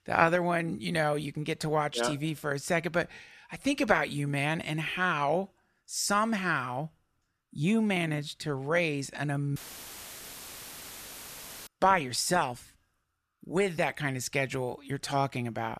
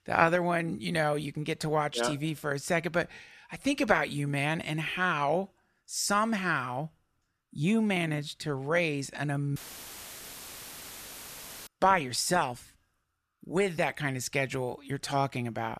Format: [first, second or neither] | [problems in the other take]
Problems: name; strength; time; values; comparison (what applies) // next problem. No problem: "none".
neither | audio cutting out; filled with static; at 9.5 s for 2 s; the same in both